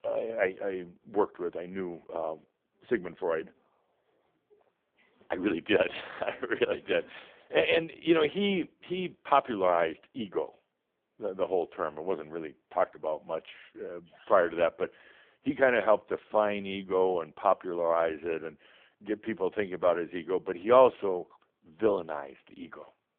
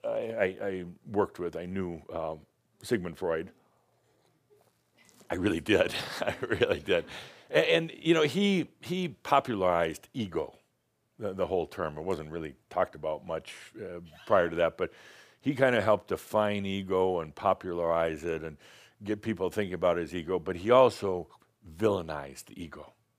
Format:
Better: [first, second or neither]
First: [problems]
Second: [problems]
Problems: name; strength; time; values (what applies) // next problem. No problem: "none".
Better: second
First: phone-call audio; poor line; nothing above 3.5 kHz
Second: none